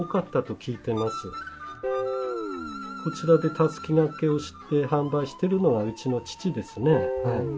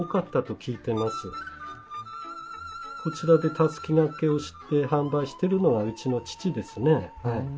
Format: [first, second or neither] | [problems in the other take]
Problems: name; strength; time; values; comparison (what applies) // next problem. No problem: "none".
second | background sound (Guitar); 10 dB below the speech